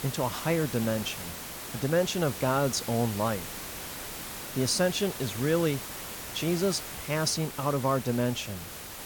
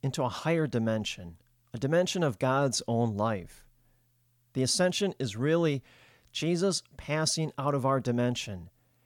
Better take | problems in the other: second | hiss; loud; throughout; 8 dB below the speech

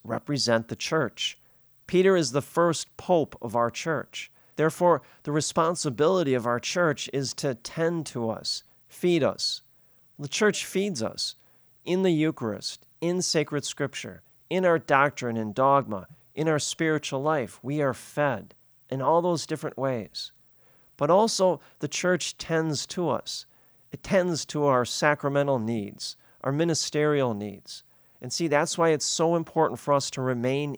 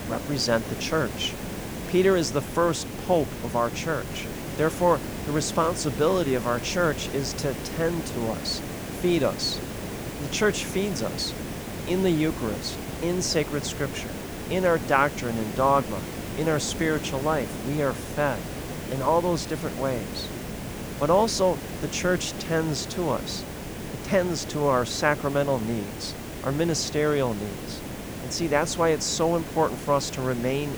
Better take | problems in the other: first | hiss; loud; throughout; 8 dB below the speech

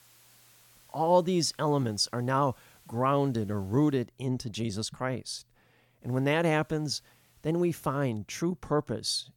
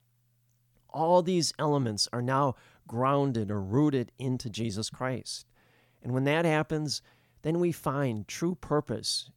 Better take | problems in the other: second | hiss; faint; until 4 s and from 6 to 8 s; 30 dB below the speech

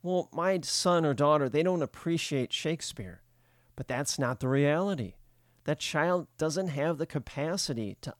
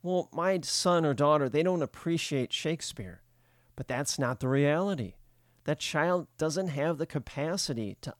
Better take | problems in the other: neither | none

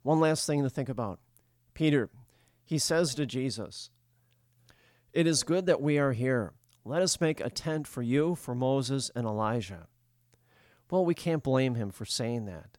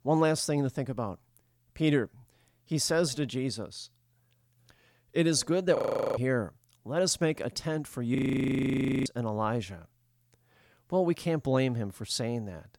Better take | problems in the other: first | audio freezing; at 6 s and at 8 s for 1 s

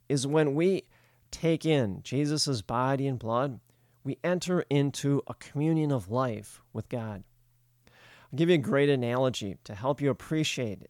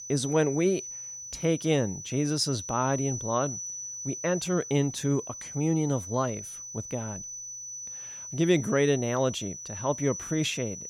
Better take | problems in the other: first | high-pitched whine; loud; throughout; 6 kHz, 8 dB below the speech

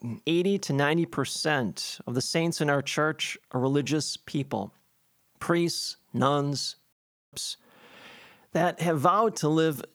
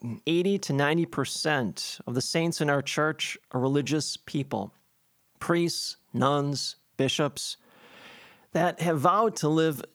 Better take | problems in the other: second | audio cutting out; at 7 s

